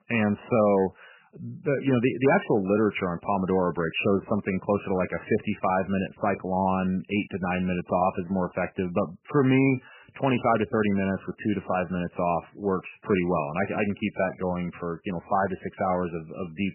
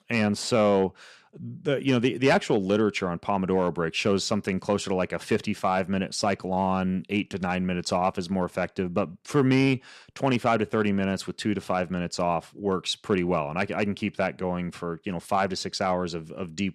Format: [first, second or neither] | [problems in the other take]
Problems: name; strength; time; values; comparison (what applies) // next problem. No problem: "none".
second | garbled, watery; badly; nothing above 3 kHz